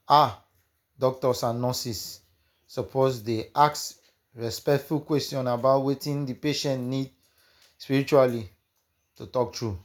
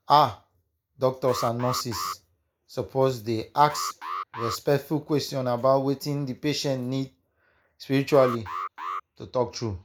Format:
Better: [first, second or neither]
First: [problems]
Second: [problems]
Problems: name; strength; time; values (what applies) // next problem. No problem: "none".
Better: first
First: none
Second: noise reduction (neural mask model Resemble Enhance denoiser)